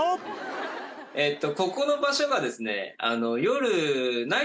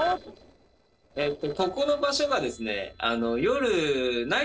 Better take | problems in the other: first | noise reduction (neural separator model SepFormer DNS4)

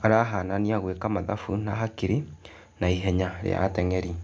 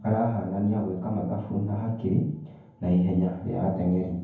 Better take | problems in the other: first | room echo; dies away in 0.9 s

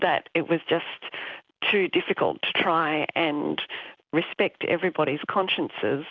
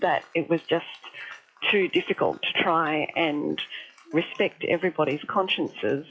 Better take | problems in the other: first | noise reduction (classical method log-MMSE)

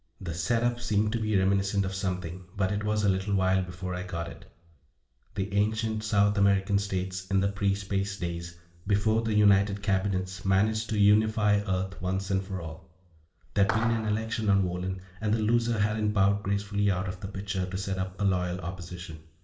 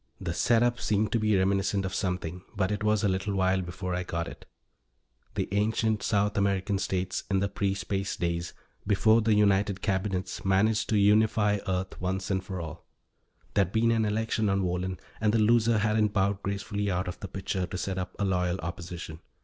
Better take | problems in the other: second | background sound (Clapping); 9 dB below the speech // room echo; dies away in 0.8 s

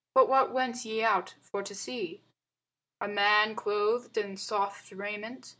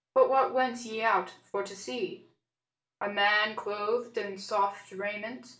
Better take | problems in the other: first | room echo; dies away in 0.3 s

